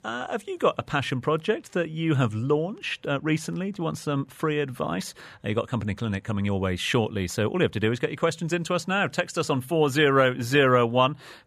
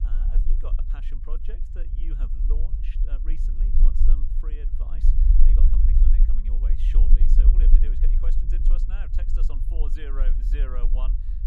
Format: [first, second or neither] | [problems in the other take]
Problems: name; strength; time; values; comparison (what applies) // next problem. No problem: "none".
first | low rumble; loud; throughout; 1 dB below the speech